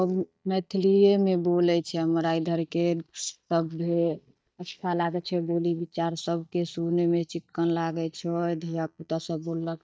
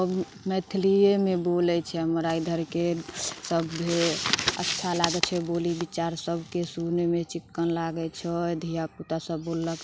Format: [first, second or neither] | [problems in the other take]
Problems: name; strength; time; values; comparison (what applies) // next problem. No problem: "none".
second | noise reduction (neural mask model DeepFilterNet 3)